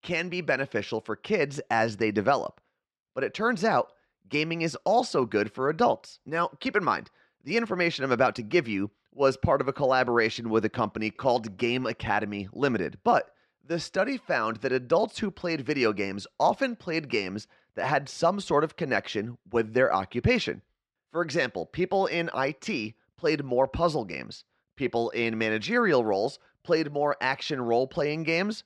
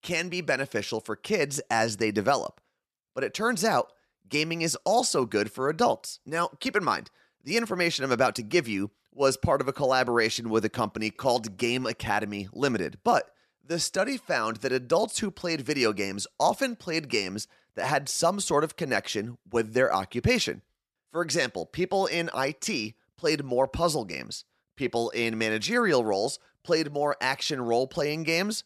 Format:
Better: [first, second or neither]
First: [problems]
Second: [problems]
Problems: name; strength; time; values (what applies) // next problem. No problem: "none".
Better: second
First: muffled; slightly; fading above 3.5 kHz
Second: none